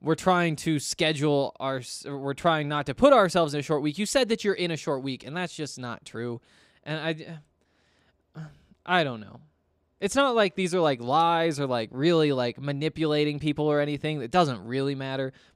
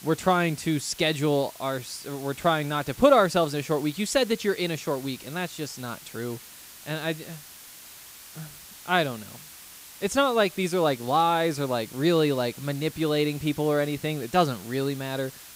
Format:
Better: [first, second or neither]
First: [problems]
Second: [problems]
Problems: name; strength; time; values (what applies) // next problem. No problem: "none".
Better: first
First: none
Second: hiss; noticeable; throughout; 15 dB below the speech